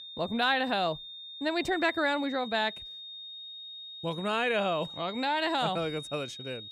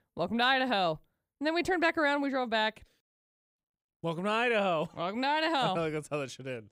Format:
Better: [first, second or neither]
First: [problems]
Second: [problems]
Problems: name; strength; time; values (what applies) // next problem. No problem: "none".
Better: second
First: high-pitched whine; noticeable; throughout; 3.5 kHz, 10 dB below the speech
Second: none